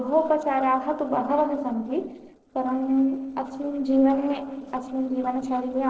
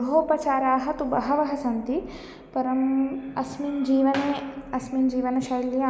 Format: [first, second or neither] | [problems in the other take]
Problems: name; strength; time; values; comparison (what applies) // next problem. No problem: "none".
second | noise reduction (neural separator model SepFormer DNS4)